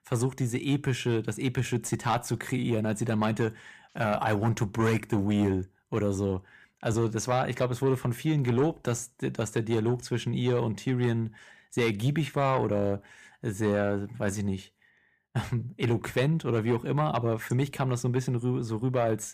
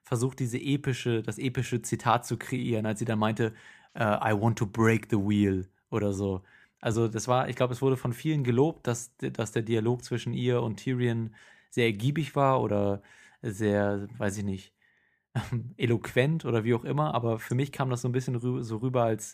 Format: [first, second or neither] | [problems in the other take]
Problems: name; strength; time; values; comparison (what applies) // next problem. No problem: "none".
second | distortion; slight; 10 dB below the speech